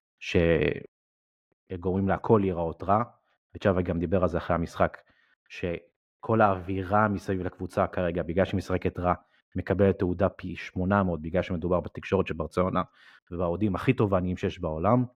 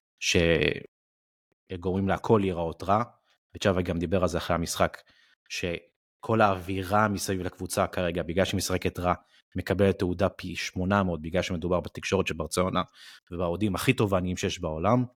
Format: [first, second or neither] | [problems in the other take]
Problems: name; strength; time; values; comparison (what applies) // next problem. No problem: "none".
second | muffled; very; fading above 3.5 kHz